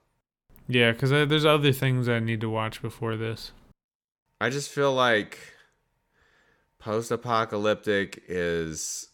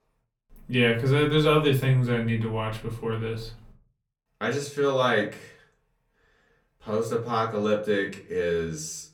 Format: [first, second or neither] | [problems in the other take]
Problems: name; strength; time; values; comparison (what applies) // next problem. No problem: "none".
first | off-mic speech; far // room echo; very slight; dies away in 0.3 s